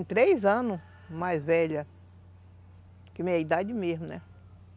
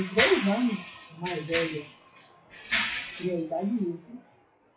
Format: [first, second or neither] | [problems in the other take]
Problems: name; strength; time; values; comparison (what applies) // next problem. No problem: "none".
first | noise reduction (classical method WPE with log-MMSE)